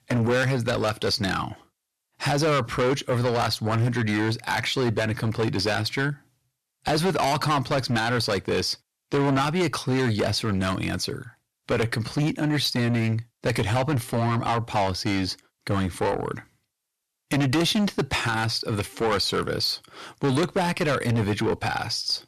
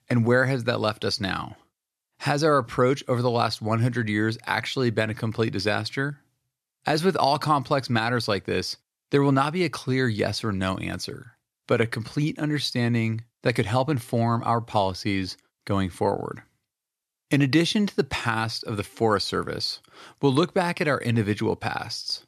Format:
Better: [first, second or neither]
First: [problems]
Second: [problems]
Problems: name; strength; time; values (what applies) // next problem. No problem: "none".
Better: second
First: distortion; heavy; 6 dB below the speech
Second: none